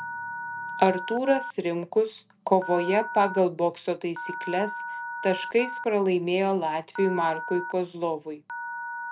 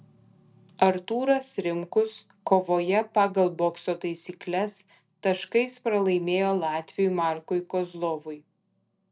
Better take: second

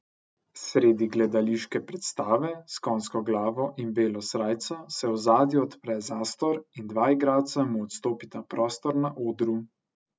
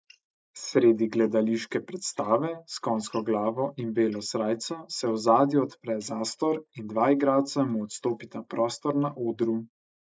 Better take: first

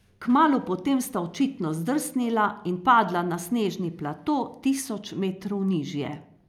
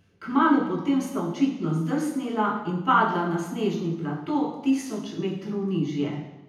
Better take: first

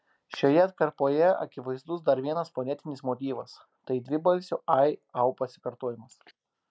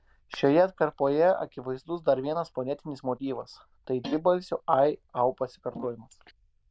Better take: first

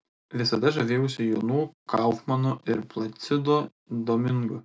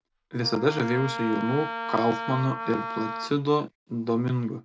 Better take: first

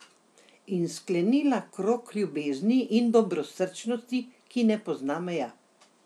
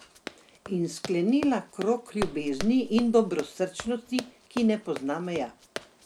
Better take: first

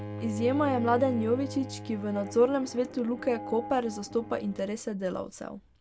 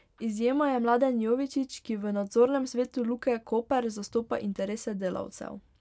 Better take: second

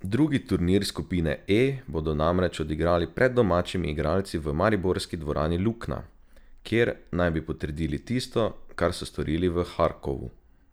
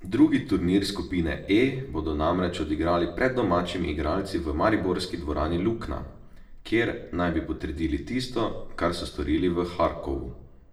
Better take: first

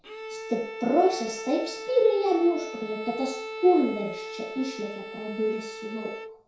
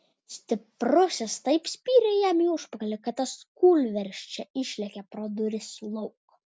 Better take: second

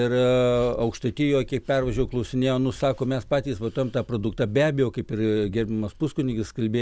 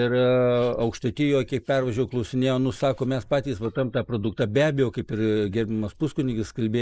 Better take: first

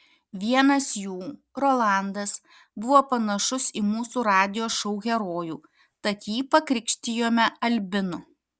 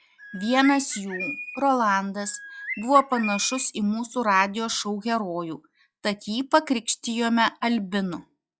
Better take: first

